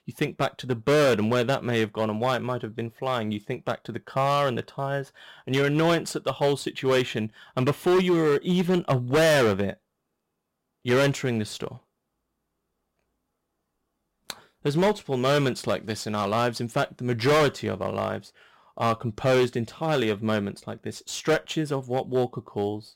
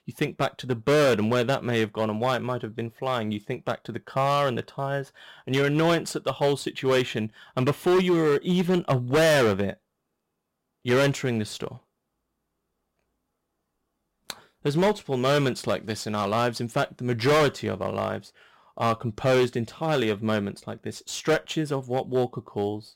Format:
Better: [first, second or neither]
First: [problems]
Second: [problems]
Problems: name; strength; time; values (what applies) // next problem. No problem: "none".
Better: neither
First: distortion; heavy; 6% of the sound clipped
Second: distortion; heavy; 6% of the sound clipped